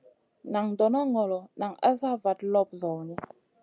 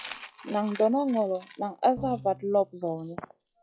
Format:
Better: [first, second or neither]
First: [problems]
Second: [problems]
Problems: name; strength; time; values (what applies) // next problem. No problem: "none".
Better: first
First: none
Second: noise reduction (classical method log-MMSE)